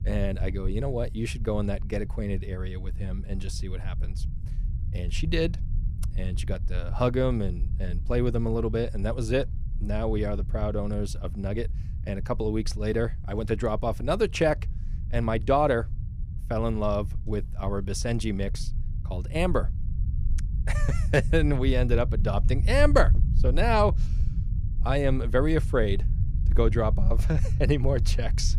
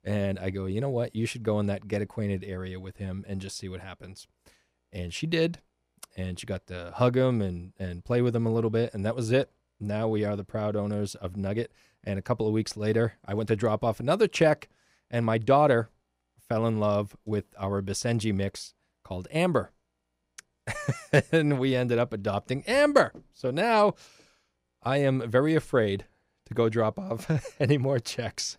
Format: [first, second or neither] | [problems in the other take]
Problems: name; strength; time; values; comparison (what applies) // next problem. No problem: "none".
second | low rumble; noticeable; throughout; 20 dB below the speech